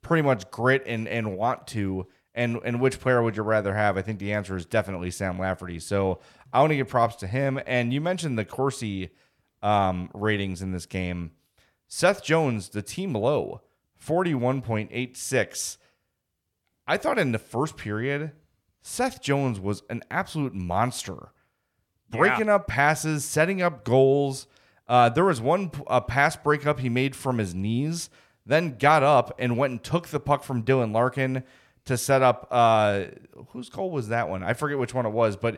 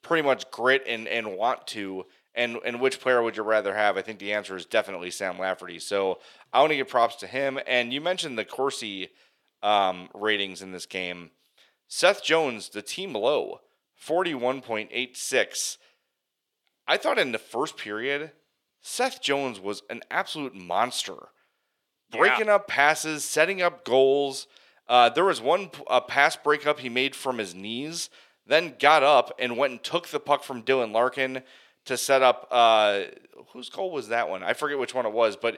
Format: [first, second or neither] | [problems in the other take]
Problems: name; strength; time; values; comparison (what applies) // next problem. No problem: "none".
first | thin; somewhat; fading below 400 Hz